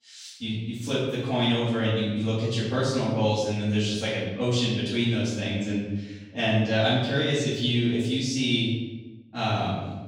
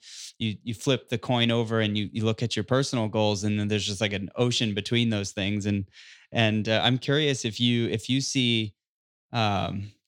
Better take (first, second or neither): second